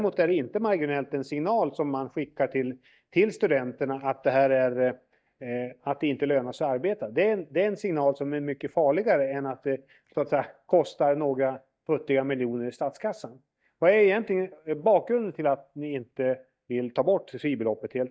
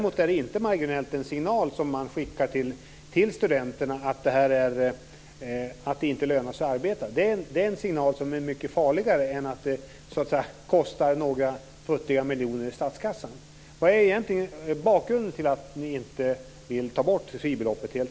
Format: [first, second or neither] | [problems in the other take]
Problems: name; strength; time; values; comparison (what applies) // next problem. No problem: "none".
second | noise reduction (neural mask model DeepFilterNet 3)